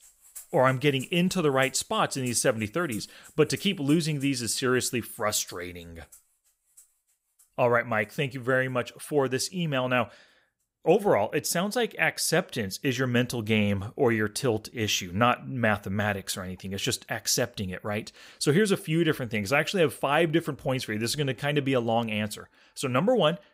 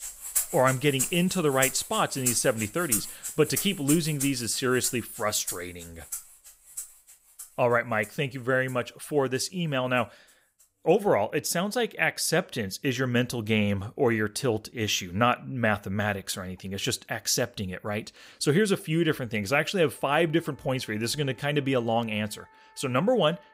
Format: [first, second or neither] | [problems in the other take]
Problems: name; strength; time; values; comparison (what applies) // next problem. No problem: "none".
first | background music; loud; throughout; 5 dB below the speech; faint in the first